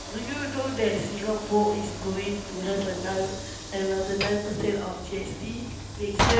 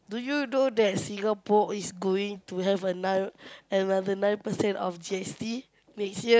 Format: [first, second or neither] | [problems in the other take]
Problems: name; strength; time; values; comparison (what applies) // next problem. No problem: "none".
second | background sound (Sliding door / Train); 4 dB below the speech // room echo; dies away in 0.9 s